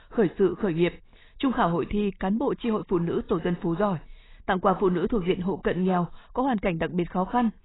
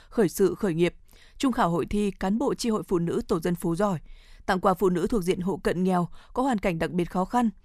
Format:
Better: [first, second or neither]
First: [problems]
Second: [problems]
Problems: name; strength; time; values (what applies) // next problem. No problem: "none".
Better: second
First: garbled, watery; badly; nothing above 4 kHz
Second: none